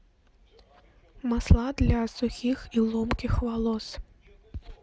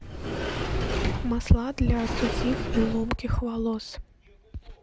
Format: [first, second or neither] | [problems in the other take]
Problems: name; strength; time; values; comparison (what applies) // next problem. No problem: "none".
first | background sound (Sliding door); 2 dB below the speech